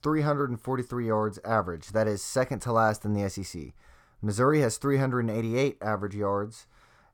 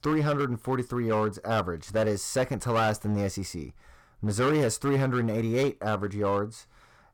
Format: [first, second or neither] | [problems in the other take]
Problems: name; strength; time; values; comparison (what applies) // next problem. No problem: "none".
first | distortion; slight; 8% of the sound clipped